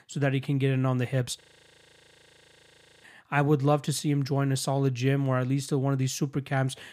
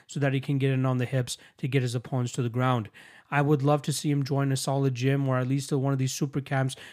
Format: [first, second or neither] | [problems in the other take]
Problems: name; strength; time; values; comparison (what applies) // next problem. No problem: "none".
second | audio freezing; at 1.5 s for 1.5 s